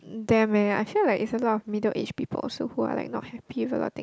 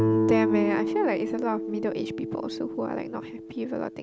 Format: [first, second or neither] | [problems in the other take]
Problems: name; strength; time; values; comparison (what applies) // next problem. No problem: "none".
first | background sound (Guitar); 1 dB above the speech